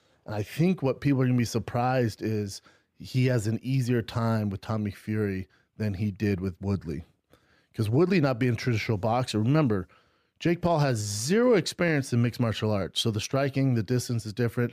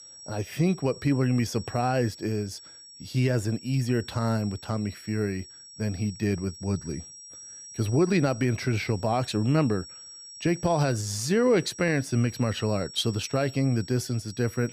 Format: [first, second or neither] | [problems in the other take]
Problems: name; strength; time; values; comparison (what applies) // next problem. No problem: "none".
first | high-pitched whine; noticeable; throughout; 5.5 kHz, 15 dB below the speech